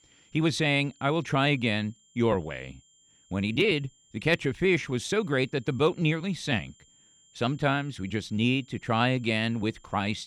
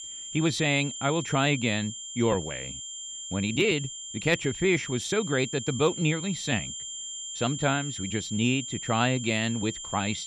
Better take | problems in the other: first | high-pitched whine; loud; throughout; 7.5 kHz, 8 dB below the speech; faint in the first

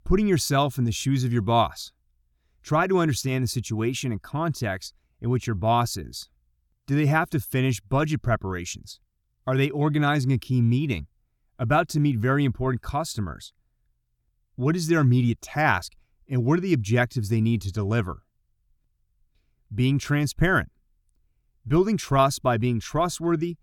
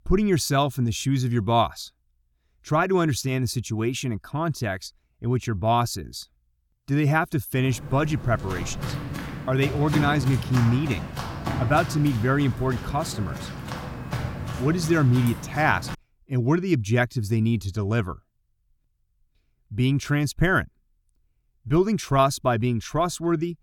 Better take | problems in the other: first | footsteps; noticeable; from 7.5 to 16 s; peak 4 dB below the speech

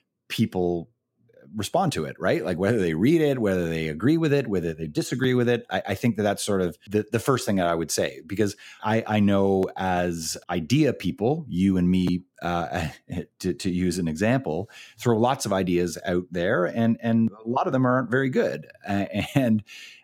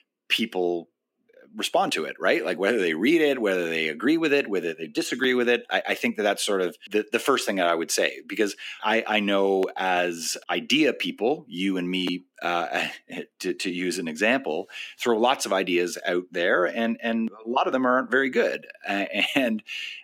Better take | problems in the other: first | thin; very slightly; fading below 250 Hz

